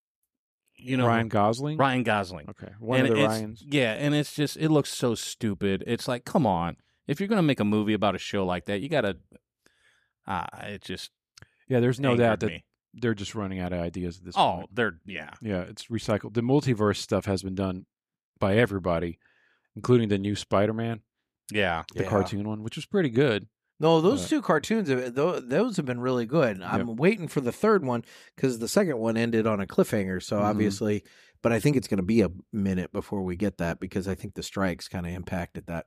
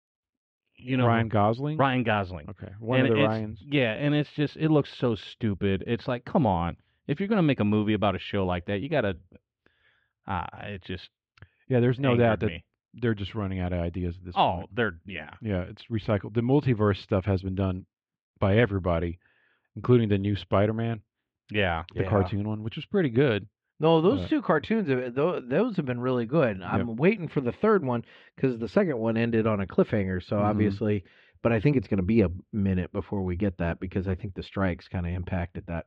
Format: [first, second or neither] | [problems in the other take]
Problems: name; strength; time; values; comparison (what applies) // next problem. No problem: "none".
first | muffled; slightly; fading above 3 kHz